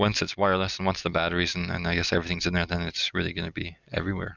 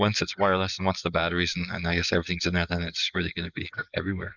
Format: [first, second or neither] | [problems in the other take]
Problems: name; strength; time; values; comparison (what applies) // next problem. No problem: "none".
first | noise reduction (neural mask model Resemble Enhance denoiser)